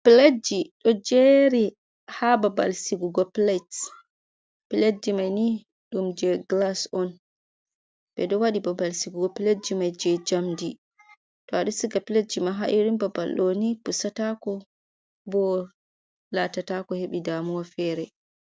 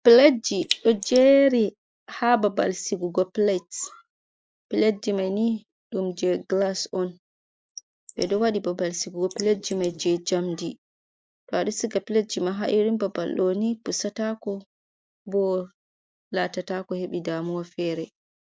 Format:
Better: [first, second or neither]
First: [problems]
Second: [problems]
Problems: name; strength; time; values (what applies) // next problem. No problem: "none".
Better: first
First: none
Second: noise reduction (neural mask model Resemble Enhance denoiser)